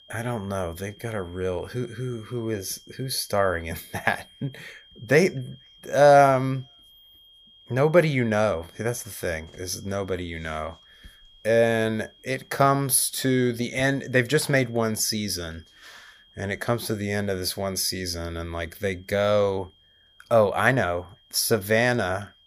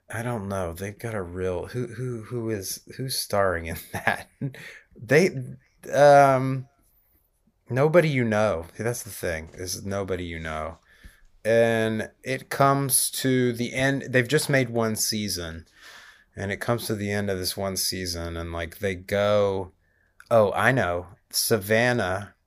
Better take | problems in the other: second | high-pitched whine; faint; throughout; 3 kHz, 30 dB below the speech

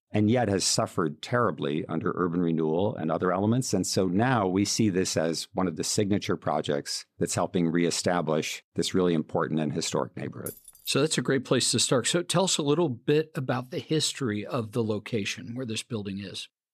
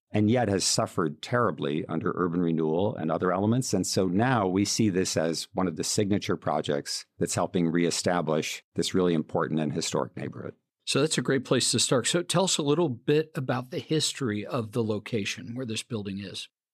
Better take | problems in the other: second | jangling keys; faint; at 10 s; peak 15 dB below the speech

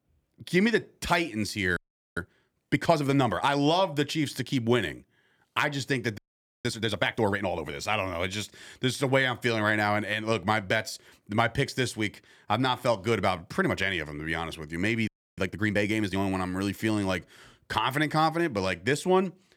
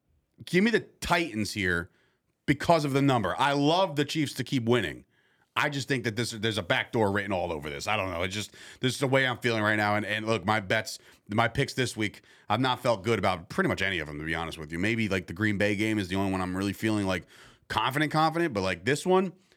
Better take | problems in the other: second | audio freezing; at 2 s, at 6 s and at 15 s

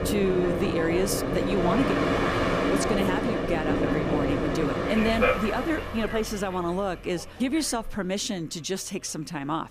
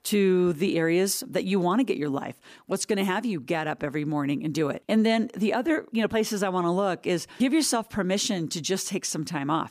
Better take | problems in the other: second | train or aircraft noise; very loud; throughout; 2 dB above the speech

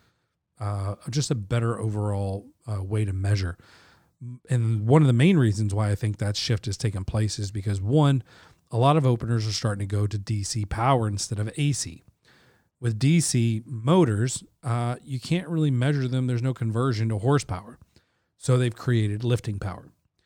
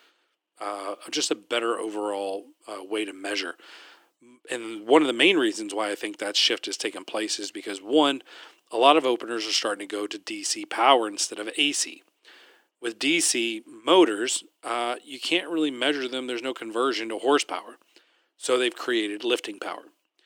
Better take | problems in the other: first | thin; very; fading below 300 Hz

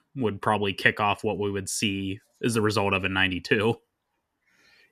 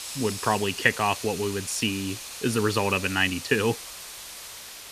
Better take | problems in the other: first | hiss; loud; throughout; 10 dB below the speech

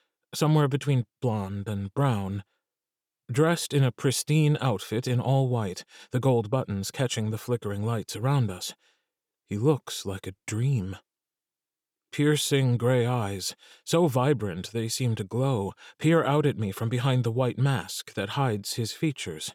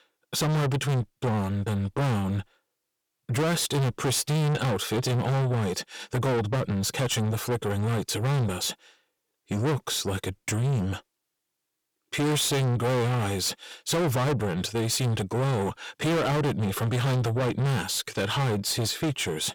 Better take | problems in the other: first | distortion; heavy; 6 dB below the speech

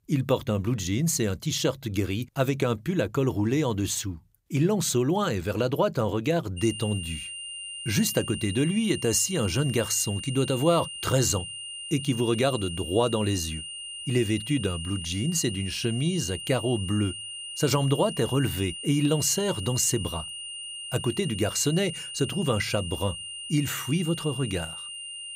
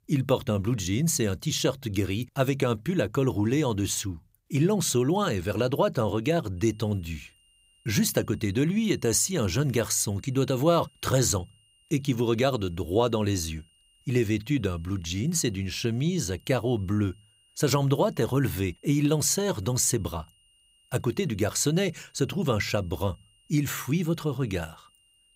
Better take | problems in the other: second | high-pitched whine; loud; from 6.5 s on; 3 kHz, 8 dB below the speech; faint in the second

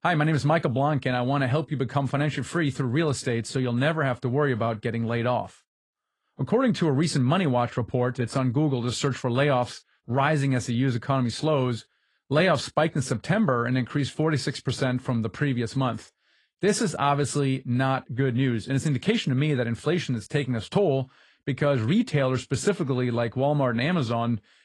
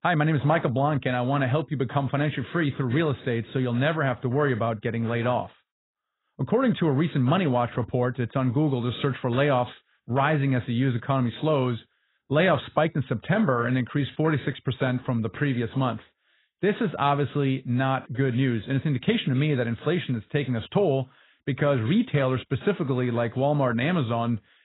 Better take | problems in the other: first | garbled, watery; badly; nothing above 4 kHz; slightly in the first

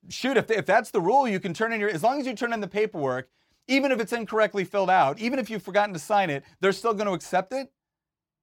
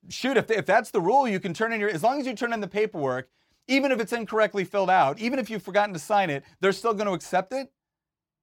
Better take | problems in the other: neither | none

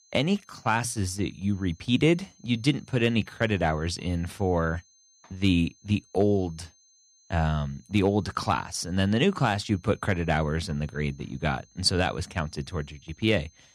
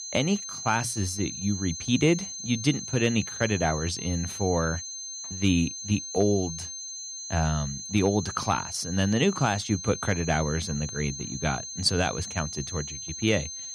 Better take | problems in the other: first | high-pitched whine; loud; throughout; 6.5 kHz, 7 dB below the speech; faint in the first

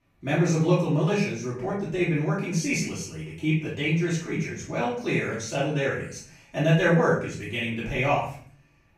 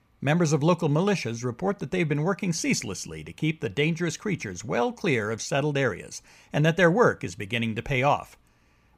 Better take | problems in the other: second | off-mic speech; far // room echo; noticeable; dies away in 0.5 s

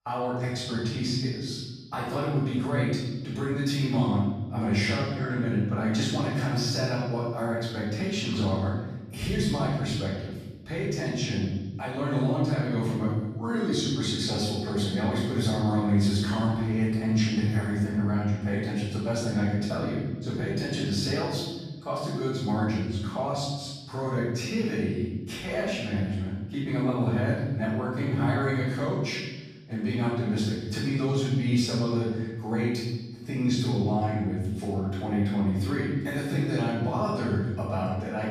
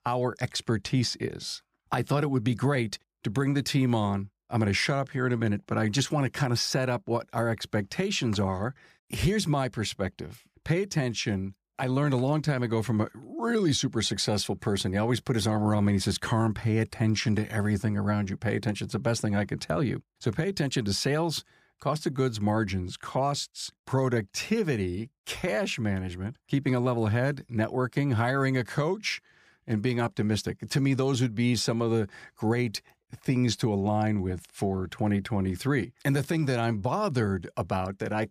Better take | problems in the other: second | off-mic speech; far // room echo; strong; dies away in 1.3 s

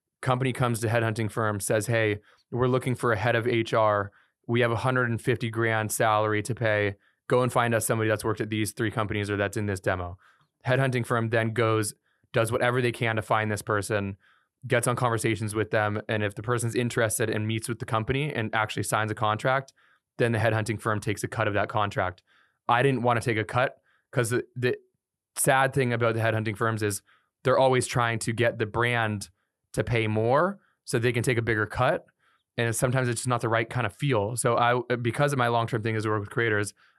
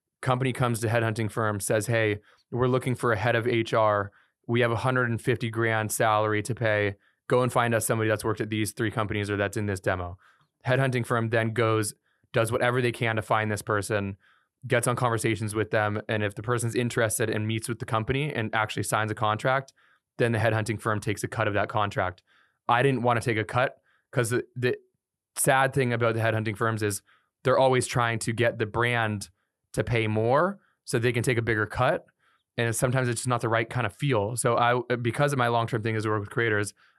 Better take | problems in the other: neither | none

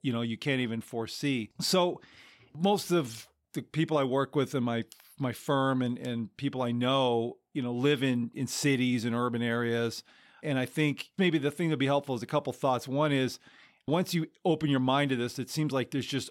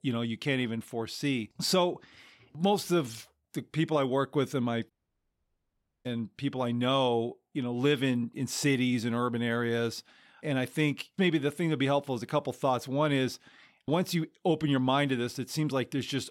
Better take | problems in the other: first | audio cutting out; at 5 s for 1 s

